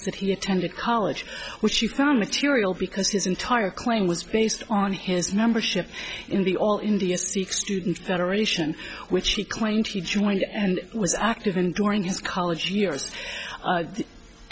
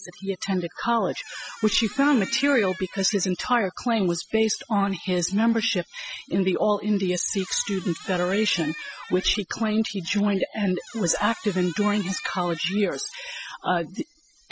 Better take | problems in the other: first | noise reduction (classical method spectral subtraction)

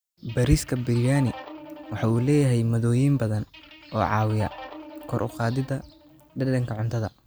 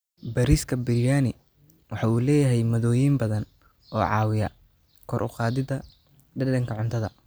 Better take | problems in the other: second | background sound (Guitar); 19 dB below the speech

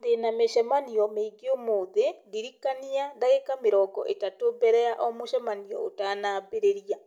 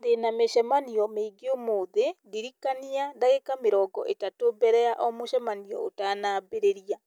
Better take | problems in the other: second | room echo; dies away in 0.3 s

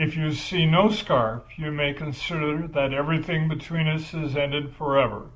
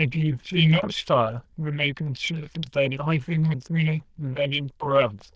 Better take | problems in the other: first | noise reduction (neural diffusion model UNIVERSE++)

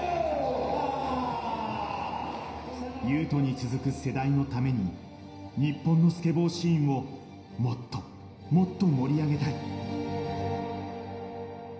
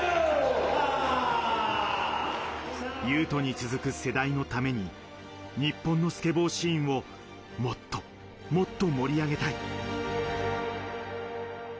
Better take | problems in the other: second | room echo; dies away in 0.9 s

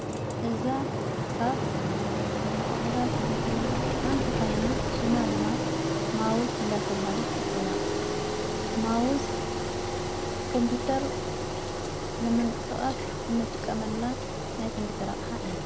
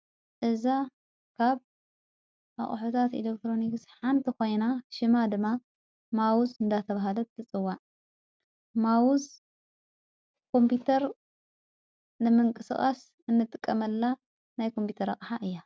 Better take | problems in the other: second | background sound (Engine); 3 dB above the speech

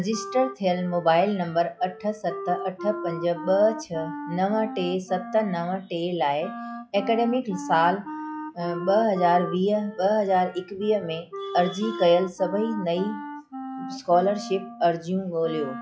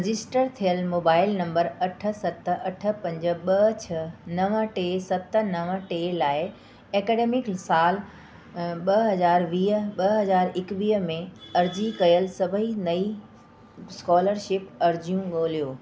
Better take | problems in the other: second | noise reduction (classical method log-MMSE)

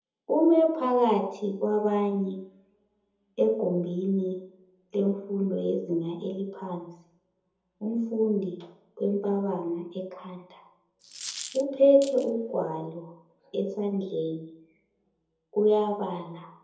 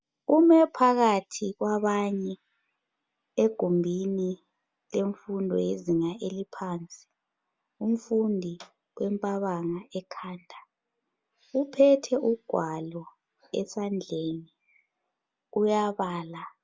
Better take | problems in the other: second | background sound (Coin (dropping)); 14 dB below the speech // room echo; dies away in 0.7 s

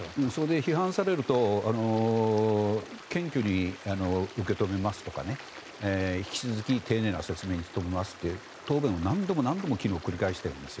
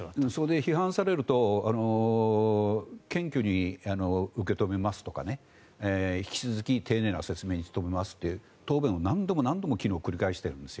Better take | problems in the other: second | background sound (Stream); 17 dB below the speech

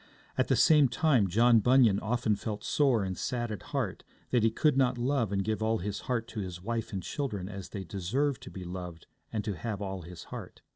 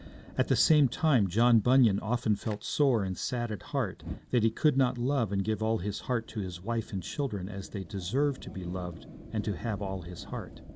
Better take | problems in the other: first | background sound (Fire); 18 dB below the speech

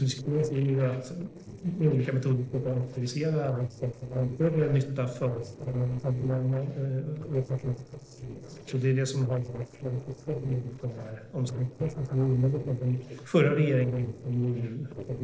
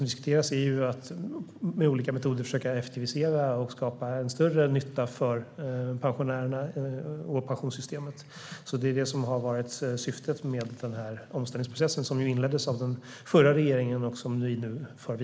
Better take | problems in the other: second | noise reduction (neural separator model SepFormer DNS4)

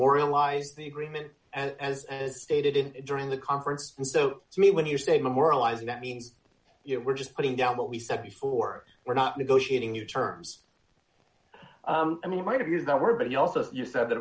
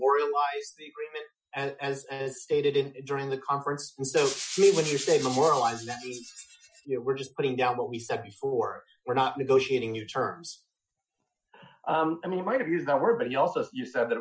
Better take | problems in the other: first | noise reduction (classical method Wiener filter)

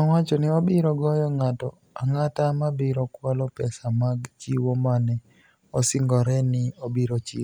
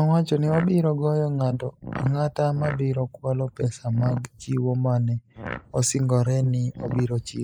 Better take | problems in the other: first | noise reduction (neural mask model Resemble Enhance denoiser)

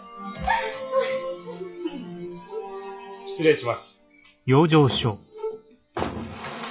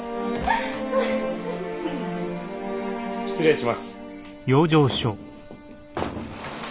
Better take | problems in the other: second | noise reduction (classical method log-MMSE)

